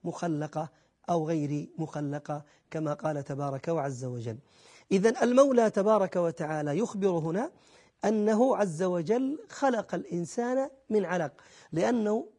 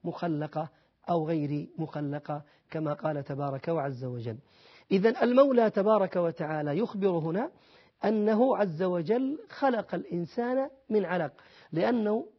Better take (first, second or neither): first